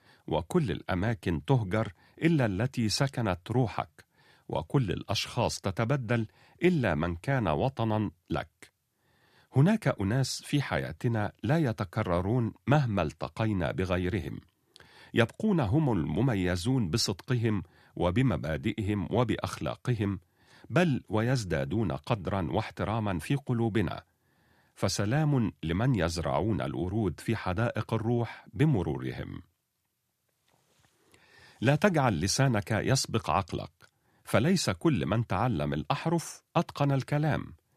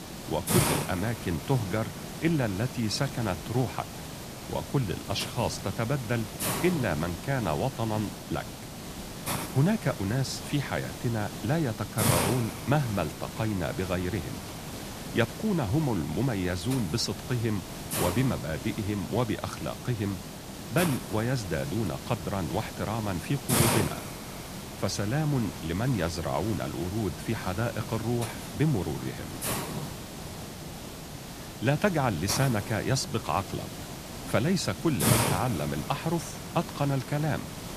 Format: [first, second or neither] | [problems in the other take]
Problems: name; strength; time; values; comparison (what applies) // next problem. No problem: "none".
first | hiss; loud; throughout; 5 dB below the speech